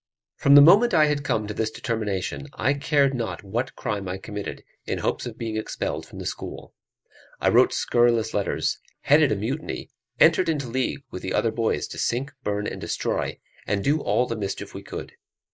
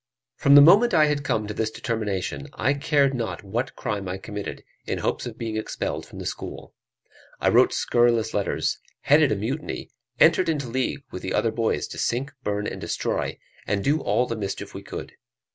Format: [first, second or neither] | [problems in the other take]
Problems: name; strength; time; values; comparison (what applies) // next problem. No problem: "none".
second | noise reduction (neural mask model Resemble Enhance denoiser)